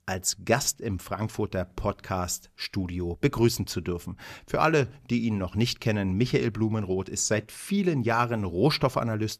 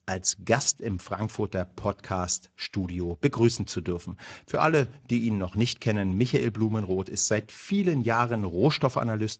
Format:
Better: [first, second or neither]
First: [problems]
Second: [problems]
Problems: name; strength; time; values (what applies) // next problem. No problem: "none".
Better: first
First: none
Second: garbled, watery; slightly; nothing above 7.5 kHz